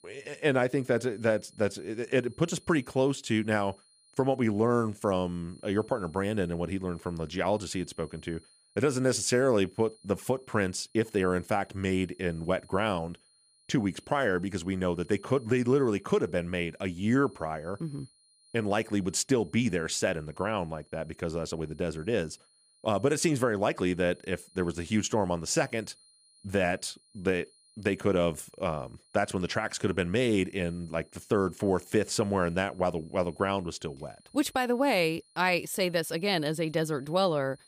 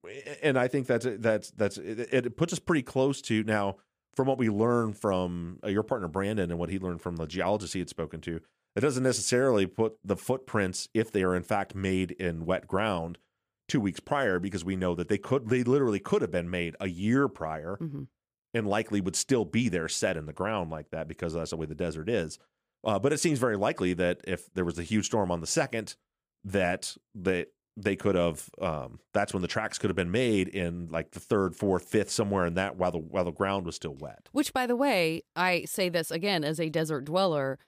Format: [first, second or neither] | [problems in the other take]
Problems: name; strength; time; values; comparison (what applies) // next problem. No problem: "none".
second | high-pitched whine; faint; throughout; 4 kHz, 30 dB below the speech